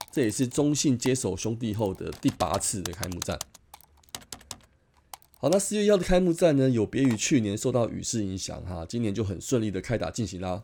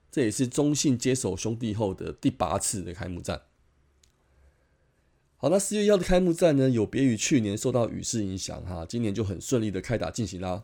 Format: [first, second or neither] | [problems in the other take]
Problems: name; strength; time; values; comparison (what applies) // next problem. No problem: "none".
second | keyboard typing; noticeable; until 7 s; peak 10 dB below the speech